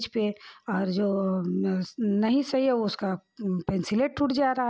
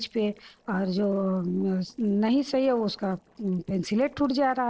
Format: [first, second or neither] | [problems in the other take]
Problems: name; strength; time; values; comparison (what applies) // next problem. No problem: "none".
first | noise reduction (neural separator model SepFormer DNS4)